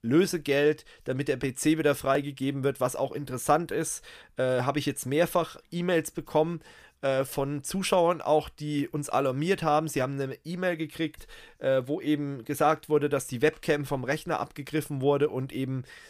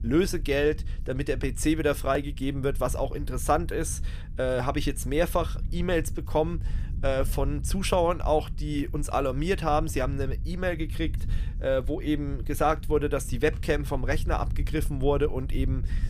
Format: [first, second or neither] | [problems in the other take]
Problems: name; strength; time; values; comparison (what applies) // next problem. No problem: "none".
first | low rumble; faint; throughout; 20 dB below the speech